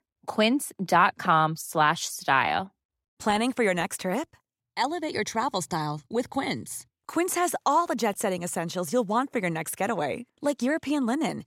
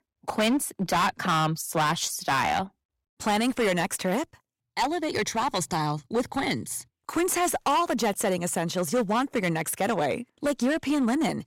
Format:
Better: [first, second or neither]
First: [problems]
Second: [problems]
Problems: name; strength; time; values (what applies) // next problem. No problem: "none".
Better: first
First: none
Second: distortion; heavy; 11% of the sound clipped